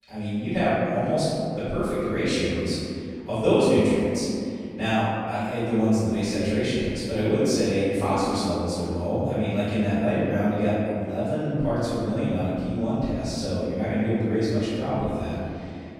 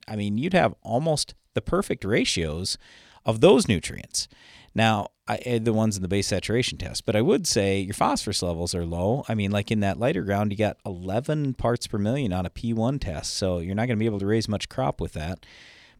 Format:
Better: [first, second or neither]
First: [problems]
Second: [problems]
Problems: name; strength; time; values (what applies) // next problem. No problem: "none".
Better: second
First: off-mic speech; far // room echo; strong; dies away in 2.7 s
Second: none